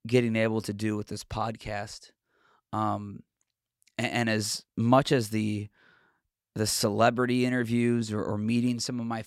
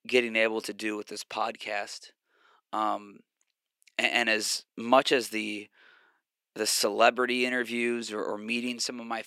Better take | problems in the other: first | thin; somewhat; fading below 300 Hz

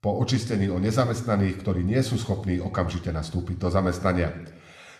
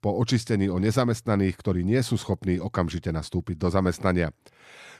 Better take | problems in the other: second | room echo; slight; dies away in 0.8 s

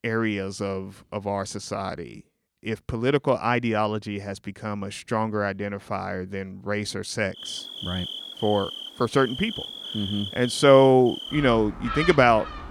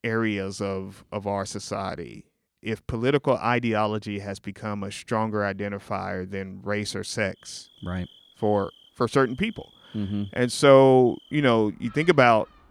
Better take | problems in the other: second | animal sounds; loud; from 7.5 s on; 9 dB below the speech; faint in the second

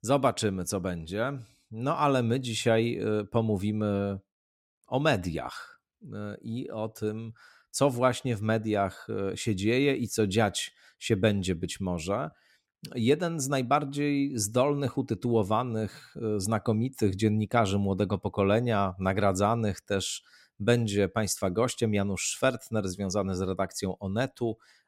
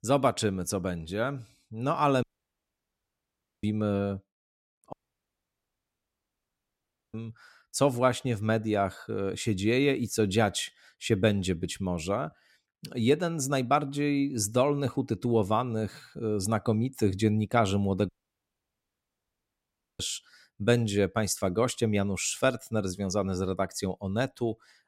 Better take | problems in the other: first | audio cutting out; at 2 s for 1.5 s, at 5 s for 2 s and at 18 s for 2 s

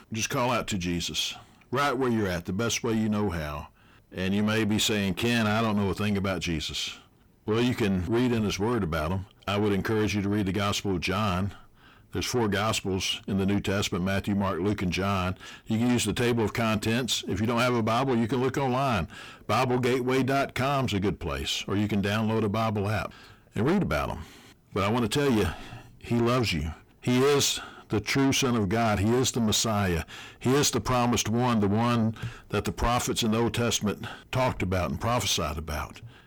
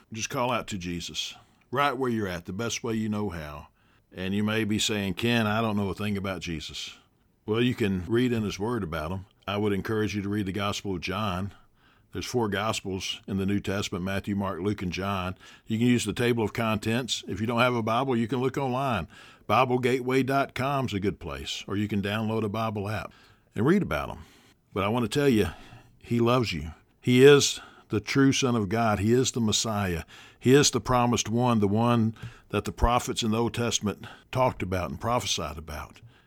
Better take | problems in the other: second | distortion; heavy; 7 dB below the speech

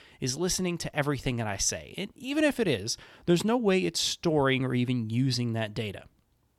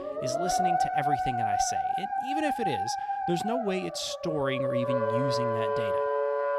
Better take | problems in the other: first | background music; very loud; throughout; 5 dB above the speech

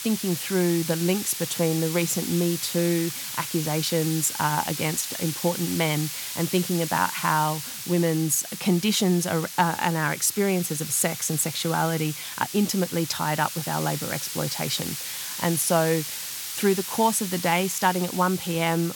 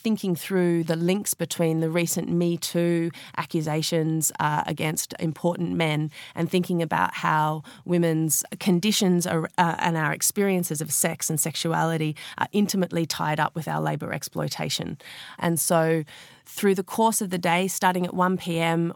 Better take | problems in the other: second | hiss; loud; throughout; 6 dB below the speech

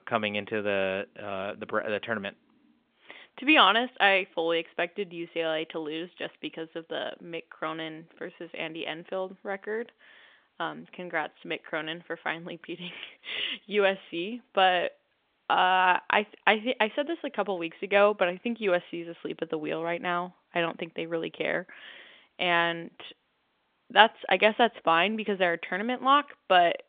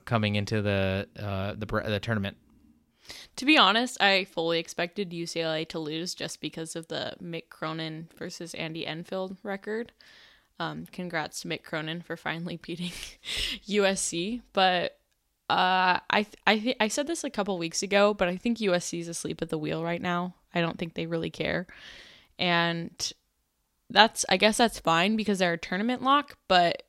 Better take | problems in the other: second | phone-call audio; nothing above 3 kHz

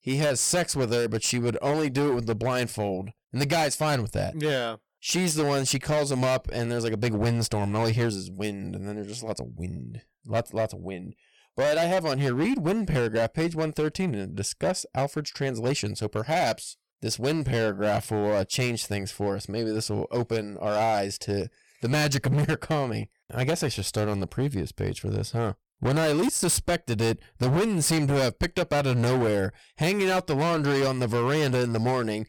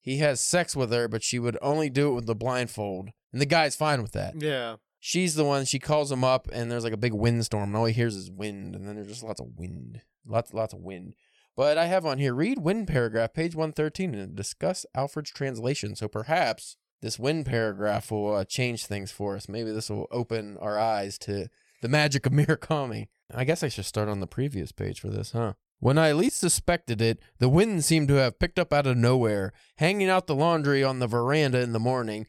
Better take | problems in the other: second | distortion; heavy; 15% of the sound clipped

